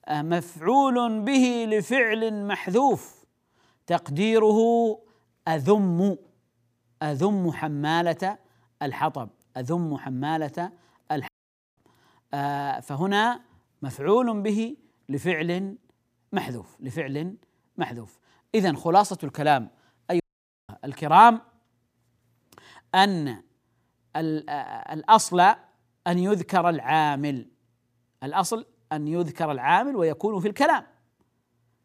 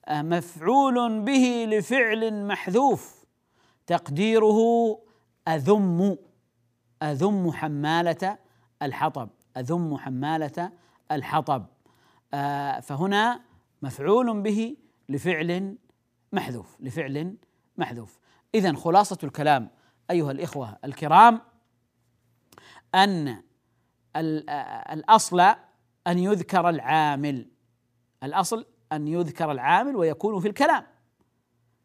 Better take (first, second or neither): second